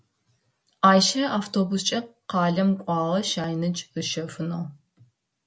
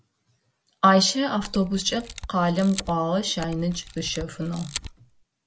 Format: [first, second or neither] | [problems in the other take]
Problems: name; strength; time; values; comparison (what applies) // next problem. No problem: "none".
first | background sound (Camera); 14 dB below the speech